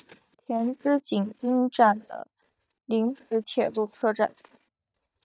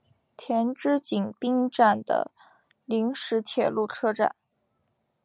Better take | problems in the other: second | noise reduction (neural mask model DeepFilterNet 3)

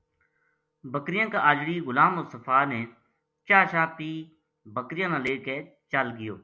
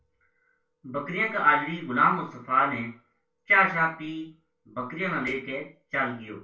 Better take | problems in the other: first | room echo; dies away in 0.3 s

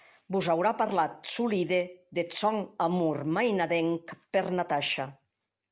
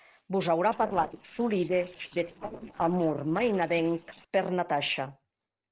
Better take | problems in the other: first | noise reduction (neural separator model SepFormer DNS4)

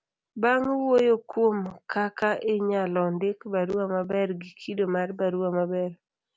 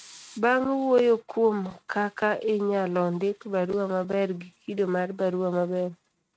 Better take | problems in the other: first | noise reduction (neural mask model RNNoise)

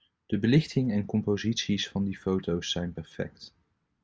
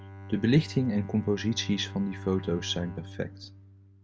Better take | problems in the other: first | background sound (Bowed string instrument); 13 dB below the speech

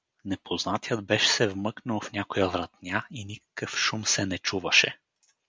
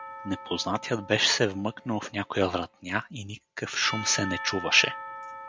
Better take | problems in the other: first | background sound (Church bell / Percussion); 12 dB below the speech

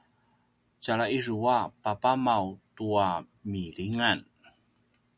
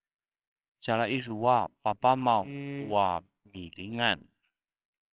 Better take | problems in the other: first | noise reduction (neural separator model SepFormer WHAMR!)

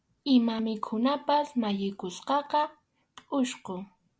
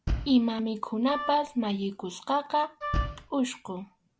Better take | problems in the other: first | background sound (Bass drum + Wind instrument, woodwind instrument); 5 dB below the speech

